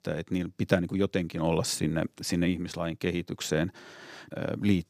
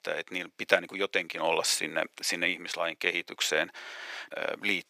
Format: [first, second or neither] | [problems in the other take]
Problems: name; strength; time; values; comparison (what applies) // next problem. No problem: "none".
first | thin; very; fading below 650 Hz